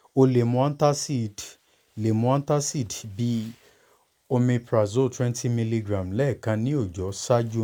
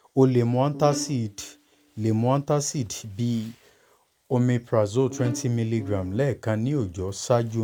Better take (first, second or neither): first